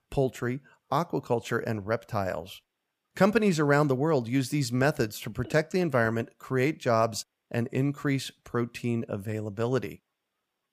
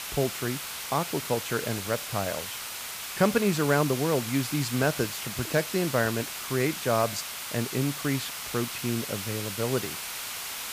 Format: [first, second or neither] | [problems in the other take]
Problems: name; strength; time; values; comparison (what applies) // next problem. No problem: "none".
first | hiss; loud; throughout; 5 dB below the speech